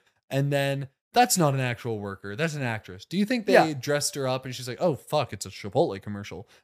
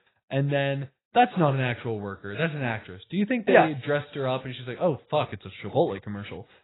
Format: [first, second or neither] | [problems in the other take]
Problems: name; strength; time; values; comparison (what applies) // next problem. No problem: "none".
first | garbled, watery; badly; nothing above 4 kHz